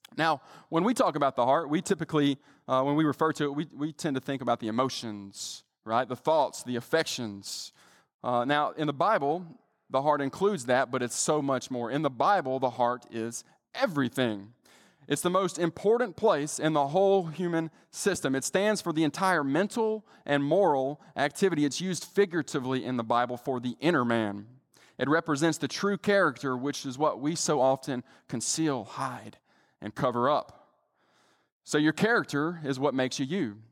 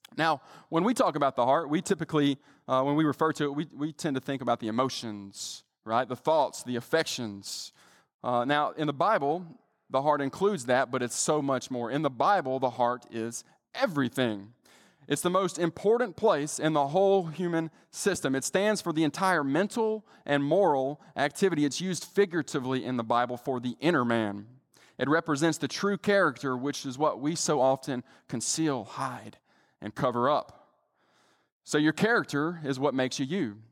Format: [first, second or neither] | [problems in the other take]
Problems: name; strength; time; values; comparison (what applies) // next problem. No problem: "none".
neither | none